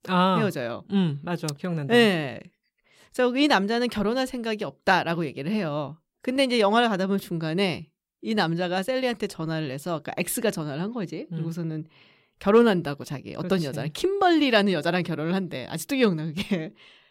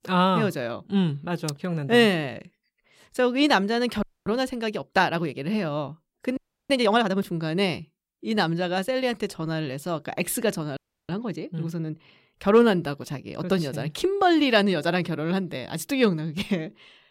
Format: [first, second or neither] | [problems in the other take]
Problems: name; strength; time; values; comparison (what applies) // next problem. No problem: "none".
first | audio freezing; at 4 s, at 6.5 s and at 11 s